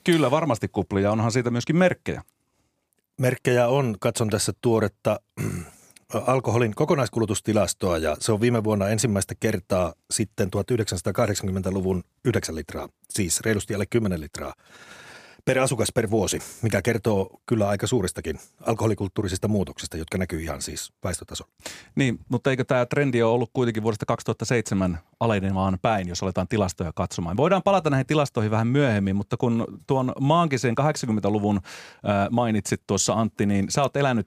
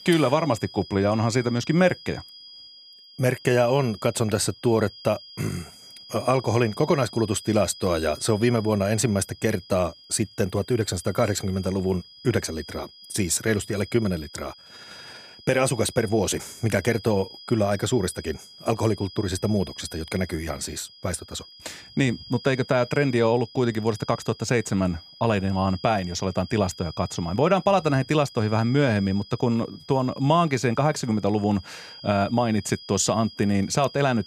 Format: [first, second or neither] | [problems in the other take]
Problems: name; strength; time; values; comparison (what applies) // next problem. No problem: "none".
first | high-pitched whine; noticeable; throughout; 5 kHz, 20 dB below the speech